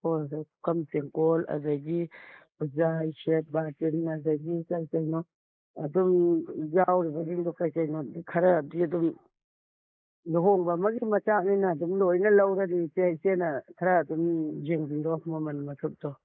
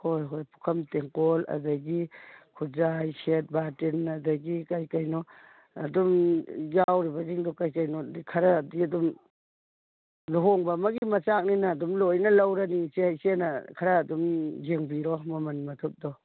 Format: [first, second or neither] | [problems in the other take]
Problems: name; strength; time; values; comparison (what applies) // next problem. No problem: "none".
second | noise reduction (neural mask model Resemble Enhance denoiser)